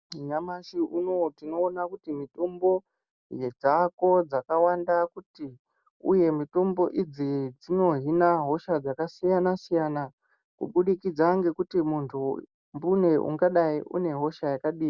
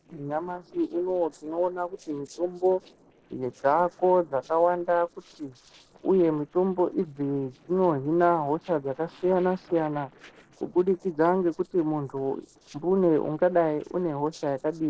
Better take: first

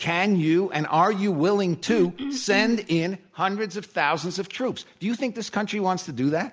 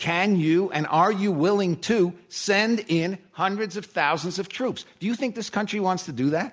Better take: second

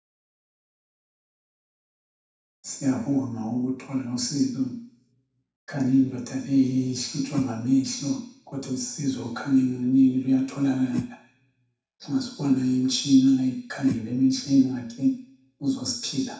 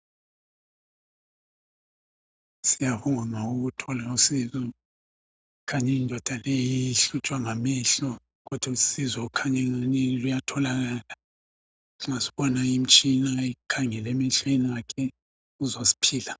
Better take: second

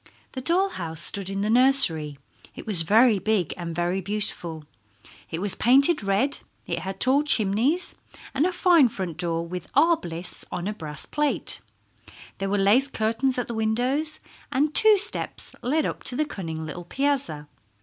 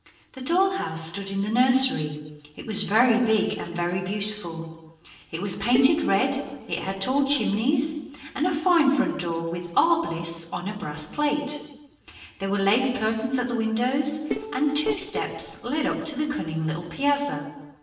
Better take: first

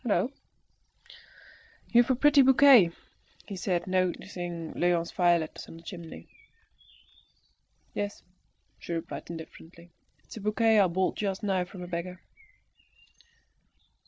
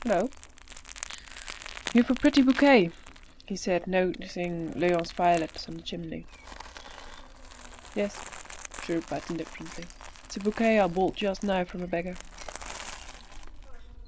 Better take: first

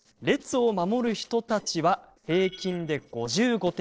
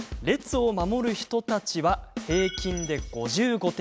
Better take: second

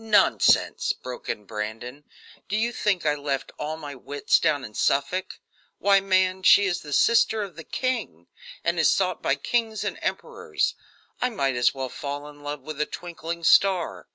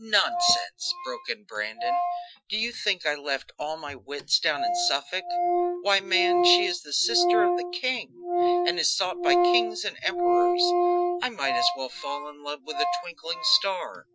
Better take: first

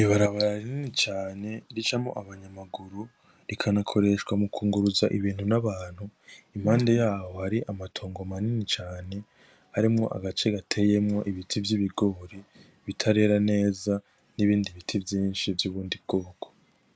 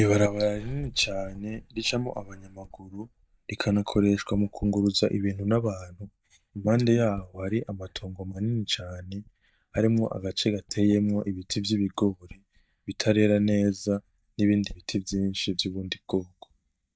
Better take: first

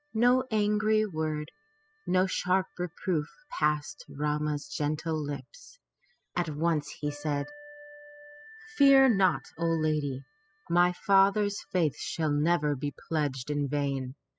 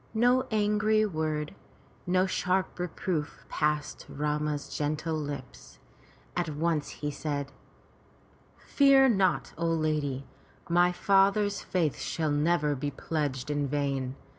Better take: second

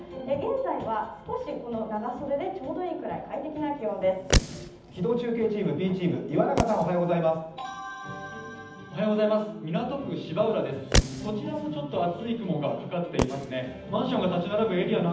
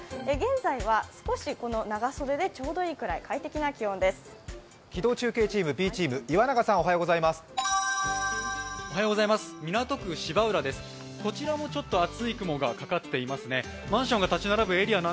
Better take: second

